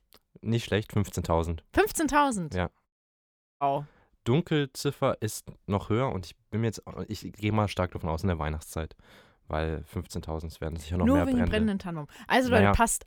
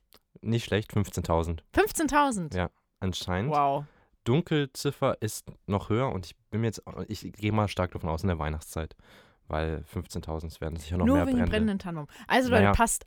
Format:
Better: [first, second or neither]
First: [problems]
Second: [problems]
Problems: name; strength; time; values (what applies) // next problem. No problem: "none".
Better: second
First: audio cutting out; at 3 s for 0.5 s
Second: none